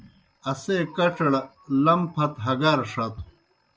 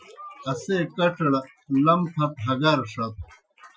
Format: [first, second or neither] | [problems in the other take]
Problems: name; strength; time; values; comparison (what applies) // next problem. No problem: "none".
first | noise reduction (classical method Wiener filter)